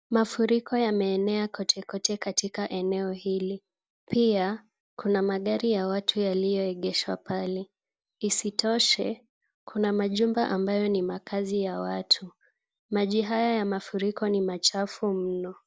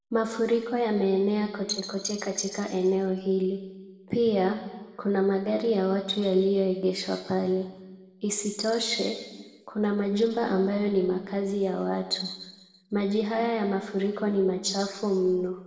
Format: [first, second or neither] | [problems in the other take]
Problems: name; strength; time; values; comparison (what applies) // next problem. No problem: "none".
first | room echo; dies away in 1.3 s